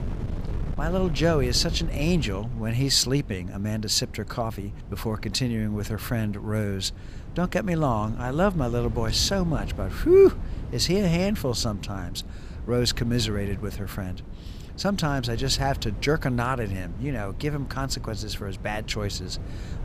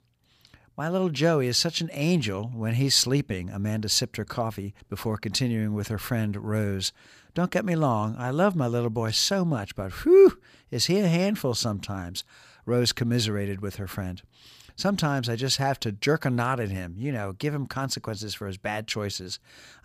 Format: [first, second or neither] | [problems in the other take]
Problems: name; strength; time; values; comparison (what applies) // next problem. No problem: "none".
second | wind noise on the microphone; occasional gusts; 20 dB below the speech